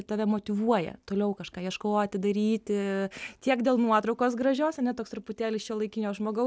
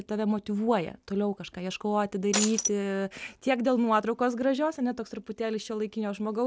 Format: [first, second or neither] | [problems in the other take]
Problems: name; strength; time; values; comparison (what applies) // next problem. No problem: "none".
first | background sound (Shatter); as loud as the speech